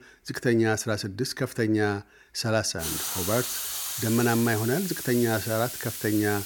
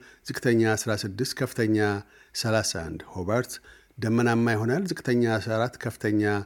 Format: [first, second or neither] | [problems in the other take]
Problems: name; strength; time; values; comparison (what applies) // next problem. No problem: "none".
second | hiss; loud; from 3 s on; 4 dB below the speech